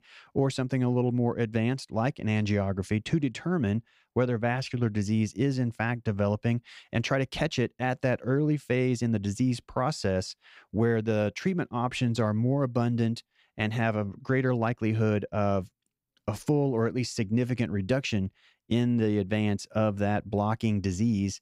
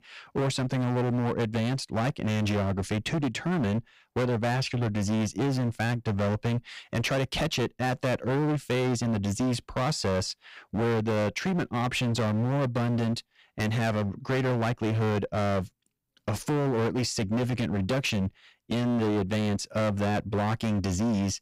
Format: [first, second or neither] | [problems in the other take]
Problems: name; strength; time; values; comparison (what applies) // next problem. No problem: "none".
first | distortion; heavy; 28% of the sound clipped